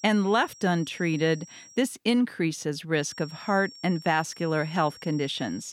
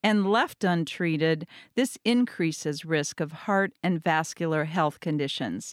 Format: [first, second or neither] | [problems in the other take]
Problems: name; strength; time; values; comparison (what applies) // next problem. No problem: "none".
second | high-pitched whine; noticeable; until 2 s and from 3 s on; 5.5 kHz, 20 dB below the speech